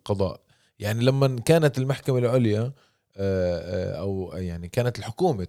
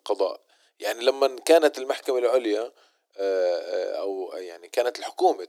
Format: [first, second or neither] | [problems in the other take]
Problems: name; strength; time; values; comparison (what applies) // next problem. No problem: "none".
first | thin; very; fading below 300 Hz